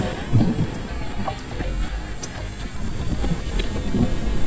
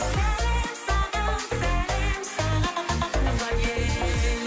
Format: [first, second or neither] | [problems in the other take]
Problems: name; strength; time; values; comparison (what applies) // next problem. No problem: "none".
second | noise reduction (neural mask model DeepFilterNet 3)